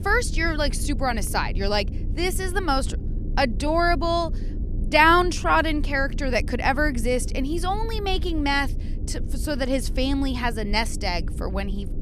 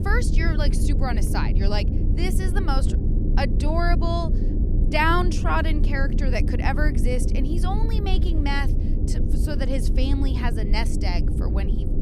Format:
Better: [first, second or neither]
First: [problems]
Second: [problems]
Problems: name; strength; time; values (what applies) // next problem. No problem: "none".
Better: first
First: low rumble; faint; throughout; 20 dB below the speech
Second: low rumble; loud; throughout; 8 dB below the speech